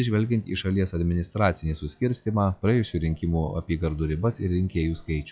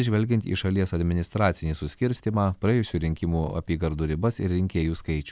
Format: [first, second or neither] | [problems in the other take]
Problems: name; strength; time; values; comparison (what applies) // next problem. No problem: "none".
second | noise reduction (classical method log-MMSE)